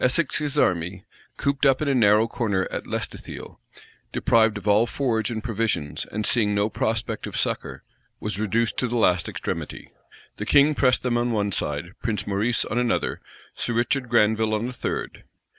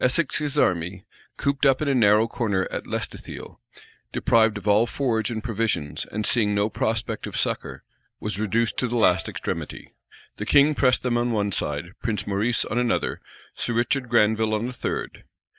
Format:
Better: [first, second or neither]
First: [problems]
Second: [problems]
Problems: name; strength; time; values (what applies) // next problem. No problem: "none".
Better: first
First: none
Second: noise reduction (neural mask model DeepFilterNet 3)